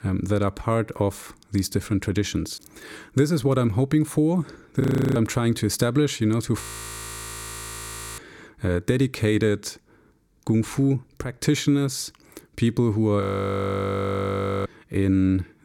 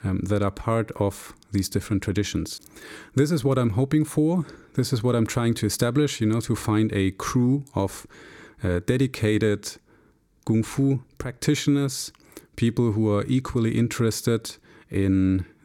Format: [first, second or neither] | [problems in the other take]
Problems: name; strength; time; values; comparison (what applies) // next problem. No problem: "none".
second | audio freezing; at 5 s, at 6.5 s for 1.5 s and at 13 s for 1.5 s